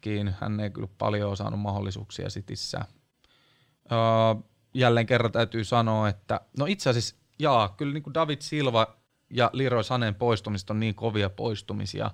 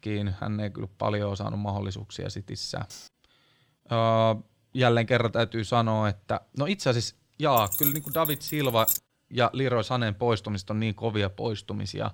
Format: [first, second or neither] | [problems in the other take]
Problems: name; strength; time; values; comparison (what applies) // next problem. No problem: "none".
first | clattering dishes; faint; at 3 s; peak 15 dB below the speech // jangling keys; loud; from 7.5 to 9 s; peak 3 dB above the speech